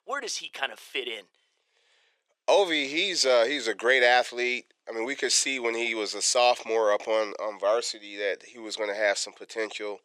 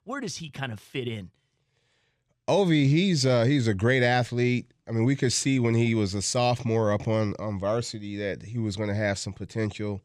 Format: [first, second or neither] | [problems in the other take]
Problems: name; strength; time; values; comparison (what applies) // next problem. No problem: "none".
second | thin; very; fading below 450 Hz